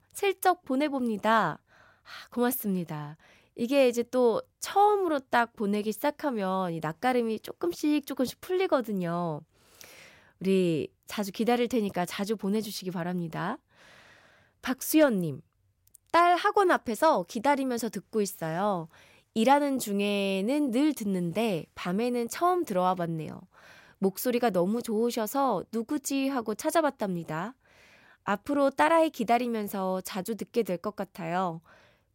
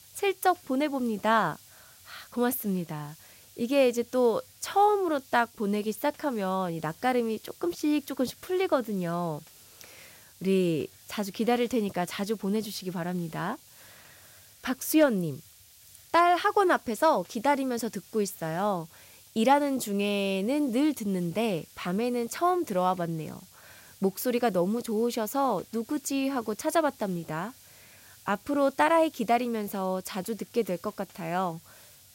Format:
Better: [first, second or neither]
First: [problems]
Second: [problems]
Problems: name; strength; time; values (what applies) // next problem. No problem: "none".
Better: first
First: none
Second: hiss; faint; throughout; 25 dB below the speech